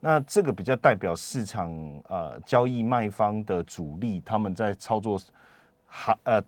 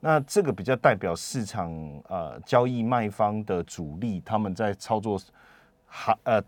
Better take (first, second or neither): second